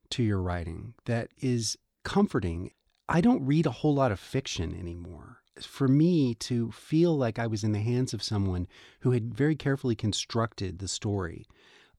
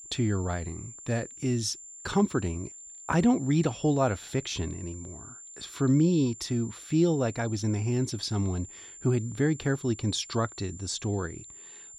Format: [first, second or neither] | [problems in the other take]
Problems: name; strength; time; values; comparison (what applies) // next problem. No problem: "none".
first | high-pitched whine; noticeable; throughout; 7 kHz, 15 dB below the speech